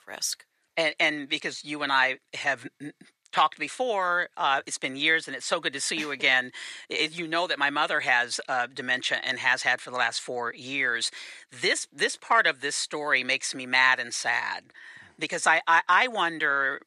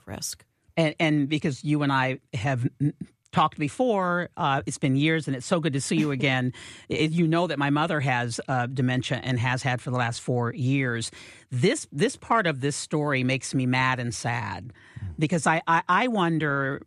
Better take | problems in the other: second | thin; very; fading below 550 Hz

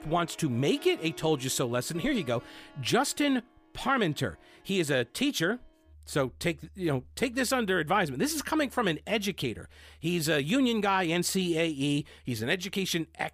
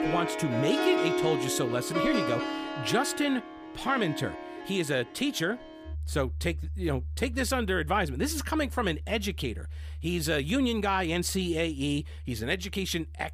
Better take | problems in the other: first | background music; loud; throughout; 5 dB below the speech; faint in the first

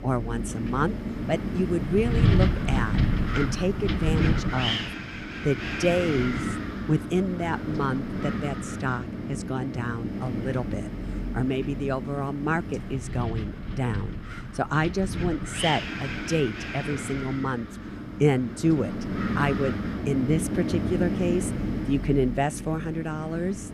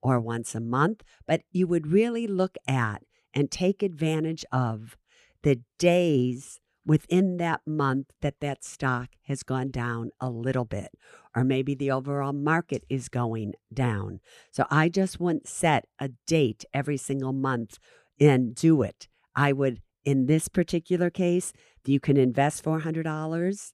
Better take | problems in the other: second | wind noise on the microphone; heavy; 4 dB below the speech

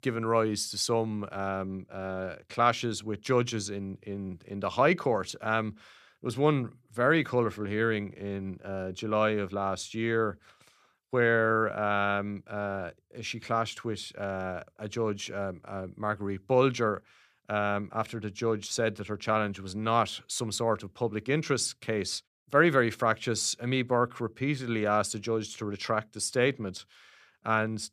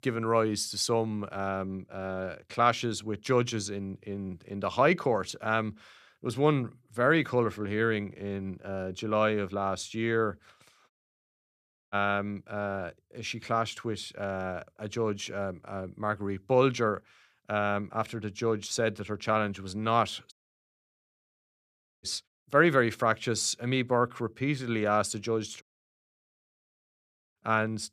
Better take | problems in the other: first | audio cutting out; at 11 s for 1 s, at 20 s for 1.5 s and at 26 s for 1.5 s

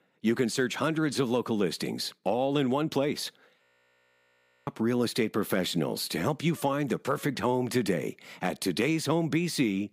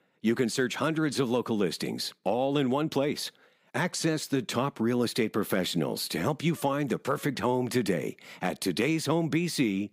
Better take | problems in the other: second | audio freezing; at 3.5 s for 1 s

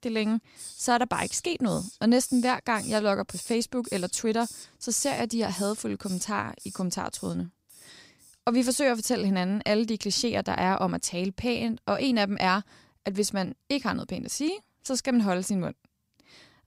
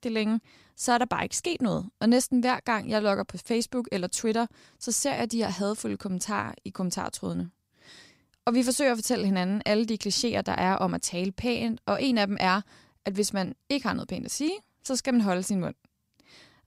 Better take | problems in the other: second | hiss; noticeable; until 9 s; 15 dB below the speech

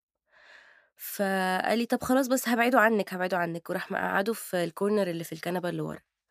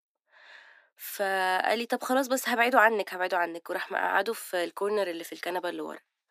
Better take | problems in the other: first | thin; somewhat; fading below 250 Hz

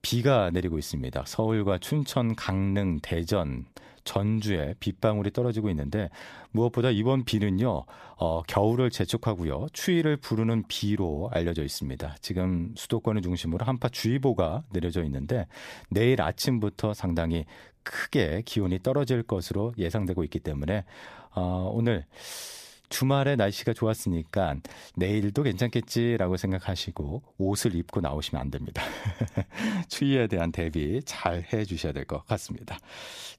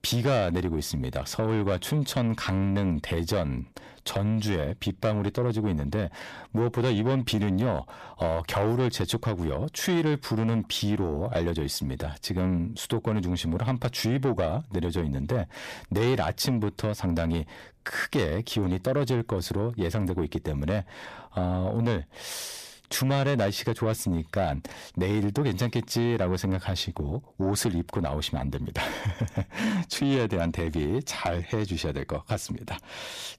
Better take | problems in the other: first | distortion; slight; 10 dB below the speech

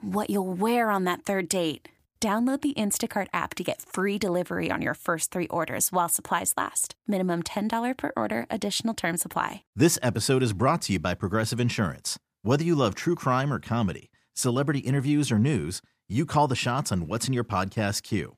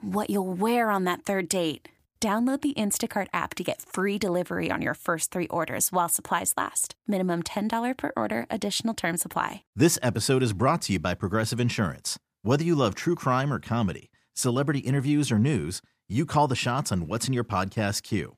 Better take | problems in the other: neither | none

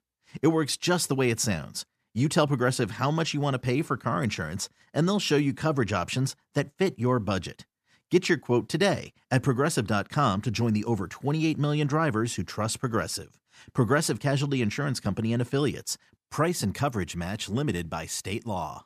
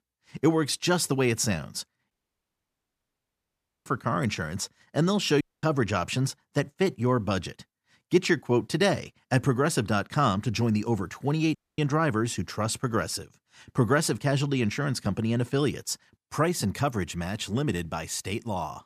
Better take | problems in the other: first | audio cutting out; at 2 s for 2 s, at 5.5 s and at 12 s

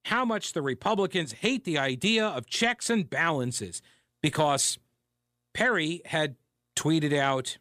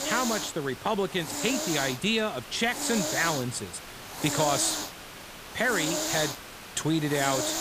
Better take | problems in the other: first | hiss; loud; throughout; 4 dB below the speech

